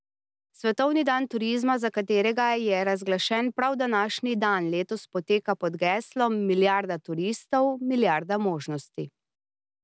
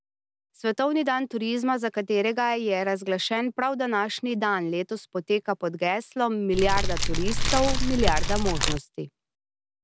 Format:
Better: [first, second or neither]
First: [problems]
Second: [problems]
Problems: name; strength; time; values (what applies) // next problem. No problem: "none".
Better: first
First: none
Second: background sound (Fire); 4 dB above the speech